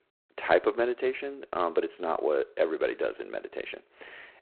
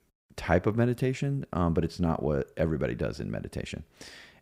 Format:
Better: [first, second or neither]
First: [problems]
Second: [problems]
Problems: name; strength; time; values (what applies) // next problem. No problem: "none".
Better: second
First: phone-call audio; poor line; nothing above 4 kHz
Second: none